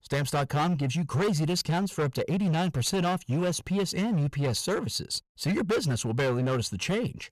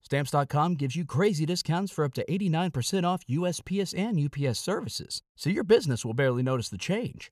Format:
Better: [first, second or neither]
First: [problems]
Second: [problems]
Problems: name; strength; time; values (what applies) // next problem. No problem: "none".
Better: second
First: distortion; heavy; 18% of the sound clipped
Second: none